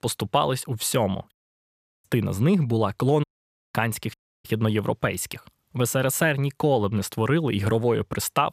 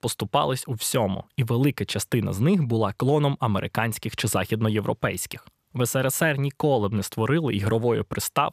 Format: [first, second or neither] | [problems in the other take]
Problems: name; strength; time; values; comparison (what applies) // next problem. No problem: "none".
second | audio cutting out; at 1.5 s for 0.5 s, at 3 s for 0.5 s and at 4 s